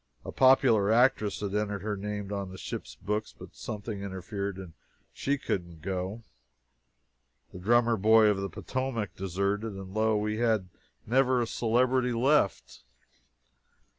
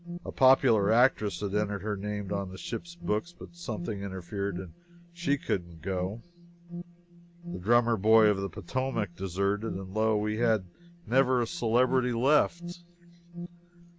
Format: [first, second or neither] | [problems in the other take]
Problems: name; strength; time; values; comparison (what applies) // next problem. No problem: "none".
first | background sound (Alarm); 13 dB below the speech